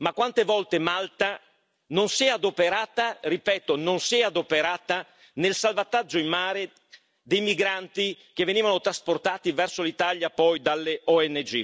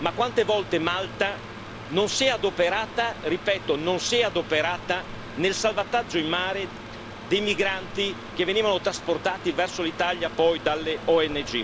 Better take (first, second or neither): first